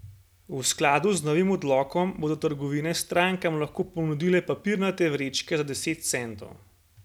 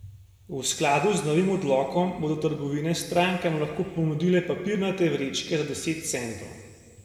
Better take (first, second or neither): first